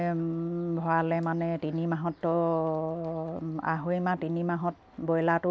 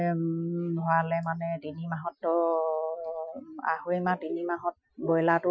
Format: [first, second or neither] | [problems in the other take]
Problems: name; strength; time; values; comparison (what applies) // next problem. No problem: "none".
first | noise reduction (classical method Wiener filter)